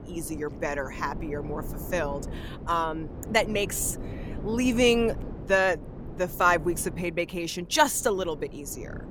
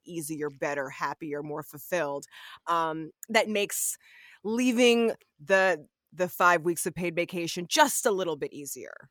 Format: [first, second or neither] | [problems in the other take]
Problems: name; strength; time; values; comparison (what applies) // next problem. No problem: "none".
second | wind noise on the microphone; occasional gusts; 20 dB below the speech